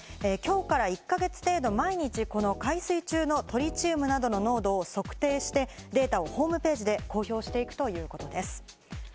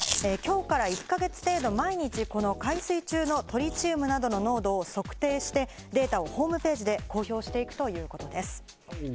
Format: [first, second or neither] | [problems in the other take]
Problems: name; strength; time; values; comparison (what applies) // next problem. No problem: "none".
first | background sound (Chewing, mastication); 13 dB below the speech